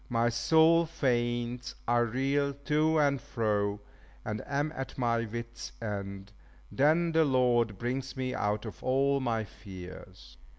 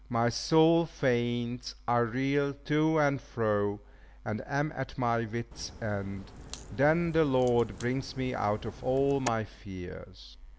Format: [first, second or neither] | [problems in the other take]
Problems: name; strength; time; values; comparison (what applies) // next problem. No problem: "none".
first | background sound (Crack); 15 dB below the speech